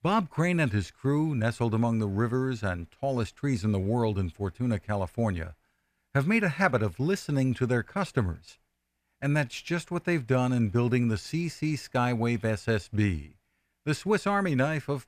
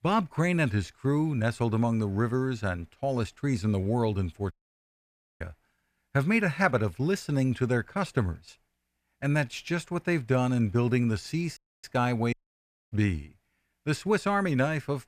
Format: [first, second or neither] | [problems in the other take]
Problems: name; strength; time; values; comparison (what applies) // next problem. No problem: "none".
first | audio cutting out; at 4.5 s for 1 s and at 12 s for 0.5 s